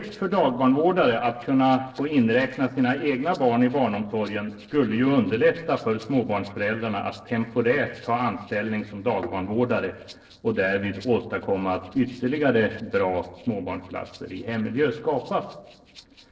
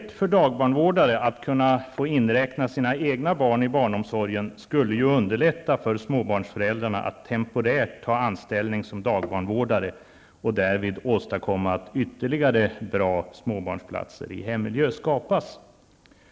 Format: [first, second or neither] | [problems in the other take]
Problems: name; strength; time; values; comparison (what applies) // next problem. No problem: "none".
second | noise reduction (neural separator model SepFormer DNS4)